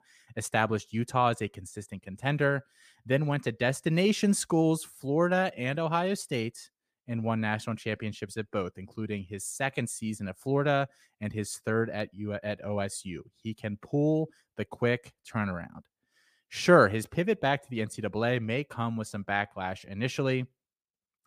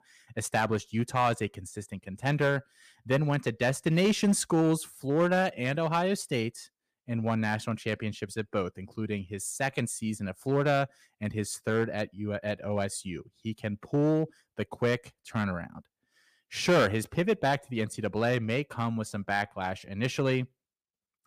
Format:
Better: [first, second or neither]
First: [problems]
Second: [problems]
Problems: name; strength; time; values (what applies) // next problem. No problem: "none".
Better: first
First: none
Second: distortion; slight; 2% of the sound clipped